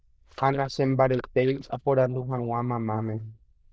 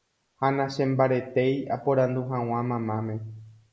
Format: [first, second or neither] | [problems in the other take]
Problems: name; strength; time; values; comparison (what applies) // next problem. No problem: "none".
second | noise reduction (neural diffusion model UNIVERSE++)